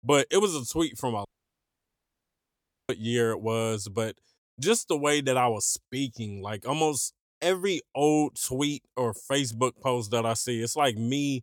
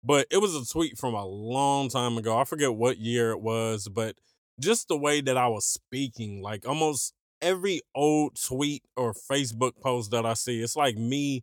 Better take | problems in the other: second | audio cutting out; at 1.5 s for 1.5 s

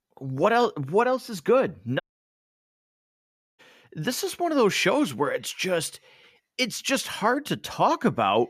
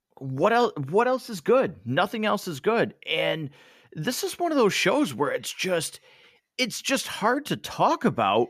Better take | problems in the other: second | audio cutting out; at 2 s for 1.5 s

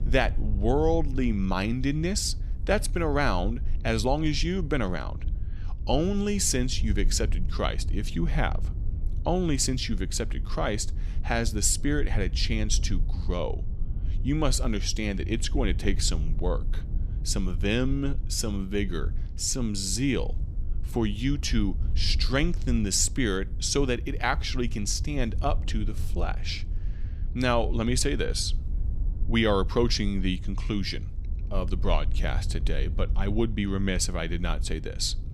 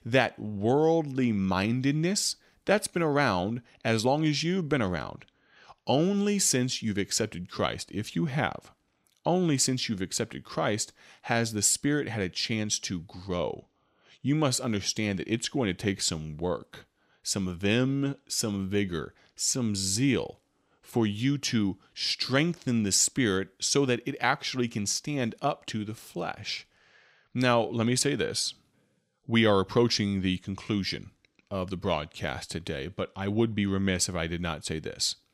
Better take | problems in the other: second | low rumble; faint; throughout; 20 dB below the speech

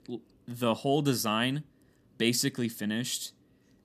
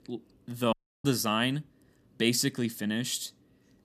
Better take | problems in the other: first | audio cutting out; at 0.5 s

